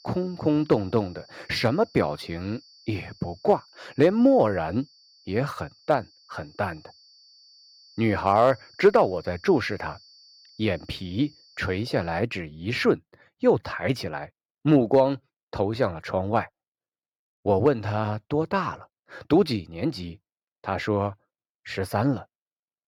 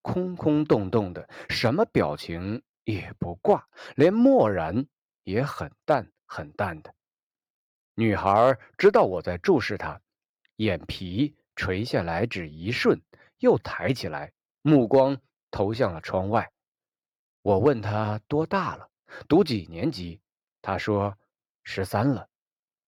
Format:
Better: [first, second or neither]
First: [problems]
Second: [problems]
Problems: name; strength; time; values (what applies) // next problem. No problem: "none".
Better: second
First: high-pitched whine; faint; until 12 s; 4.5 kHz, 25 dB below the speech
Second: none